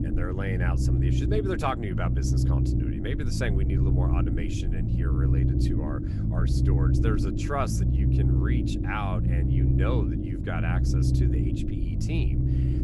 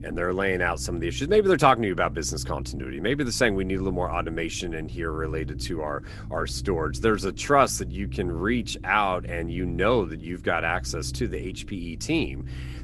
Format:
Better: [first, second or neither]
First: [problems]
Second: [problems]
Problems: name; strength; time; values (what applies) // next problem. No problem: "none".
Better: second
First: low rumble; loud; throughout; 1 dB below the speech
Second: low rumble; faint; throughout; 25 dB below the speech